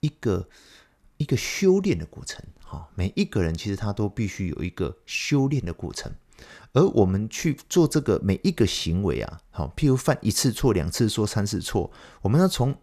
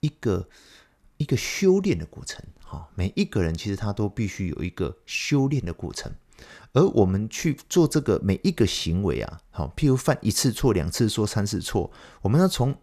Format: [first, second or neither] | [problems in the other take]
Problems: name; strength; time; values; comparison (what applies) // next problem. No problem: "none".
neither | none